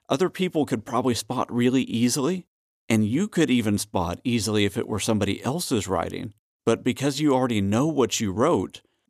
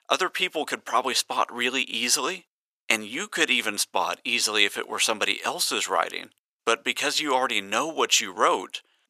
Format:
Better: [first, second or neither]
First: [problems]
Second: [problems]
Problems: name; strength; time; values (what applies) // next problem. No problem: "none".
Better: first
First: none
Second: thin; very; fading below 650 Hz